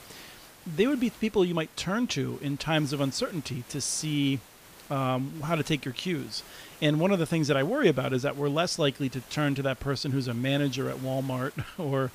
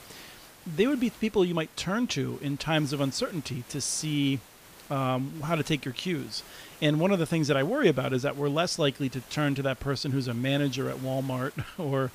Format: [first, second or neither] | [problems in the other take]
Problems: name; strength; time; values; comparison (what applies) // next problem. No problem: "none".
neither | hiss; faint; throughout; 20 dB below the speech; the same in both